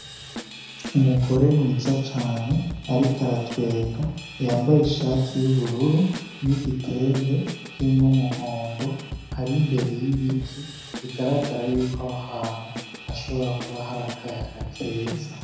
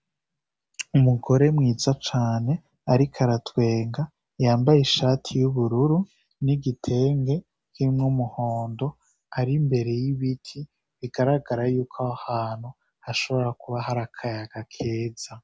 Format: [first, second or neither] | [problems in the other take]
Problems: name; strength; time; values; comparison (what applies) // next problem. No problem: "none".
second | background sound (Drum / Drum kit); 12 dB below the speech // room echo; dies away in 1 s